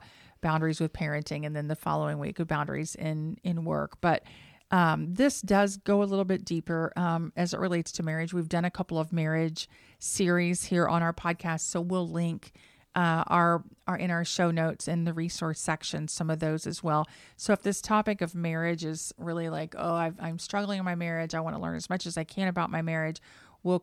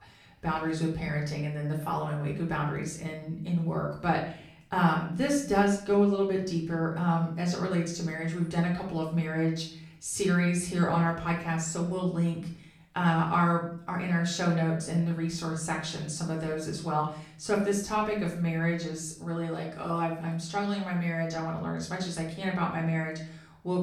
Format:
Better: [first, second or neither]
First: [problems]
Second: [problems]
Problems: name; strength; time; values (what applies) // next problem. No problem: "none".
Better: first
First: none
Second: room echo; slight; dies away in 0.5 s // off-mic speech; far